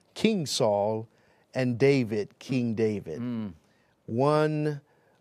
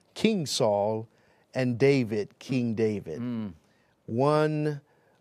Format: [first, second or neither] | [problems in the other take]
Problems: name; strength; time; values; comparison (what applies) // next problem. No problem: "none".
neither | none